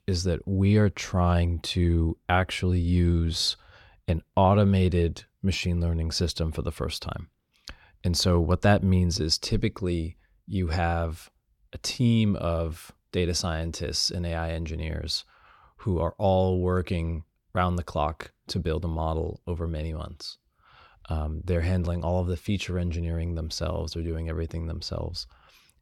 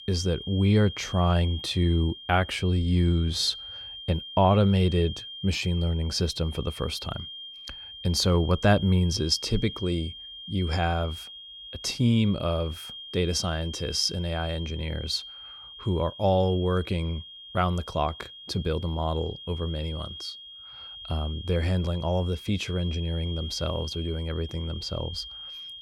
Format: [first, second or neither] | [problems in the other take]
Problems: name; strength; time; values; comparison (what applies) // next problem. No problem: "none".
first | high-pitched whine; noticeable; throughout; 3 kHz, 10 dB below the speech